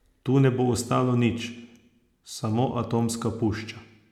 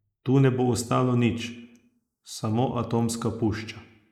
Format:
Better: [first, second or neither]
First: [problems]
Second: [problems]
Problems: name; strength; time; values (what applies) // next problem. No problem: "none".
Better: first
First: none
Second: noise reduction (neural mask model Resemble Enhance denoiser)